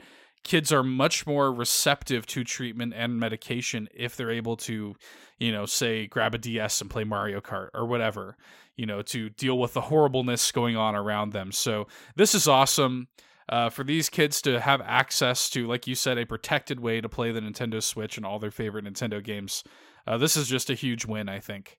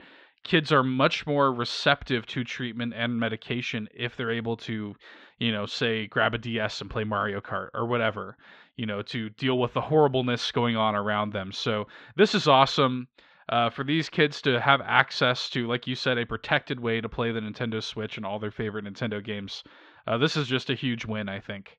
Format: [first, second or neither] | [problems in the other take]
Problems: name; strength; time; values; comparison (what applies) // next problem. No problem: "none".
first | muffled; slightly; fading above 4 kHz